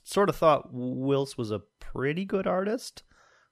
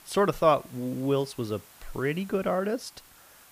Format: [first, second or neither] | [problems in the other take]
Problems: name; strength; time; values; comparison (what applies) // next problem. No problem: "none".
first | hiss; faint; throughout; 25 dB below the speech